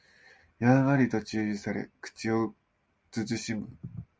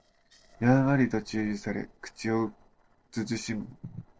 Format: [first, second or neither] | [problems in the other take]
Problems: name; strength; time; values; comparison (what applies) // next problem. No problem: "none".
first | noise reduction (neural separator model SepFormer DNS4)